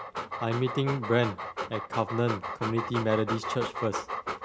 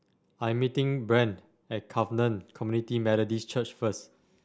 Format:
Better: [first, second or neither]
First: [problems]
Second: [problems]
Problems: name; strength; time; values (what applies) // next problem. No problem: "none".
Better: second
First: background sound (Dog); 5 dB below the speech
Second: none